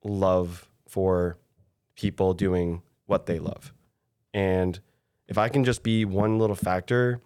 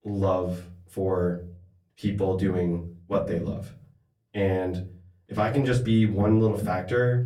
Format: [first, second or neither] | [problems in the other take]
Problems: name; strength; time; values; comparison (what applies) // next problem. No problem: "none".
first | off-mic speech; far // room echo; very slight; dies away in 0.5 s